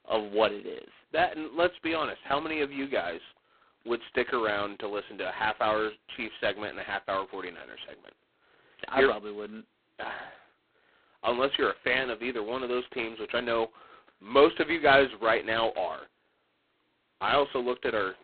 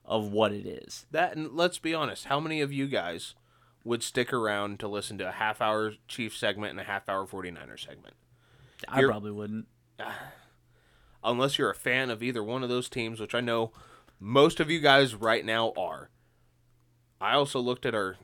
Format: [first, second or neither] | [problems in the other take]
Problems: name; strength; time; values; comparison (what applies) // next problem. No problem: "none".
second | phone-call audio; poor line; nothing above 4 kHz